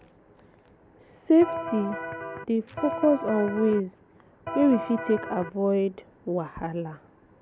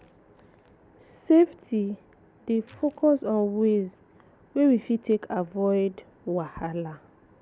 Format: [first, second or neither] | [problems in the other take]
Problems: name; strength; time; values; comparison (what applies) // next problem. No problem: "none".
second | background sound (Electric guitar); 7 dB below the speech